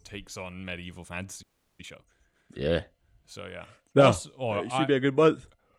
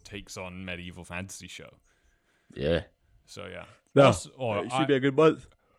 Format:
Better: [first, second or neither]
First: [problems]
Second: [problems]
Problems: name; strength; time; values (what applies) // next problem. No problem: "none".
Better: second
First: audio freezing; at 1.5 s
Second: none